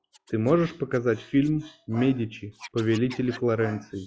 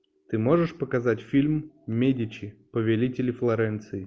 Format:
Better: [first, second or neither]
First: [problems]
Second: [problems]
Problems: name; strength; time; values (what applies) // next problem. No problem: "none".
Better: second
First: noise reduction (classical method log-MMSE)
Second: none